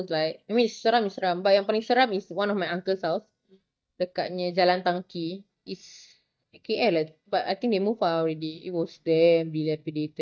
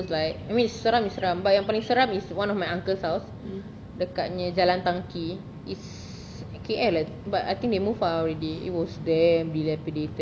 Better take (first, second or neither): second